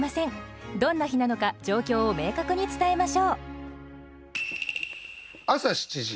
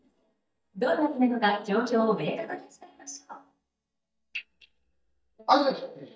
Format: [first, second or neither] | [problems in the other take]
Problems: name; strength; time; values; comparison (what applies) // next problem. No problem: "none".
first | noise reduction (neural mask model DeepFilterNet 3)